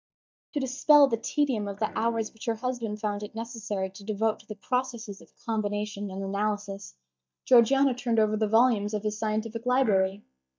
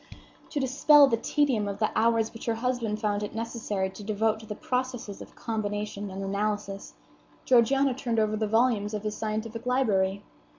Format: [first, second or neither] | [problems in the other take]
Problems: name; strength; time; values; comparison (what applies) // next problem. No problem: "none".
second | noise reduction (neural mask model DeepFilterNet 3)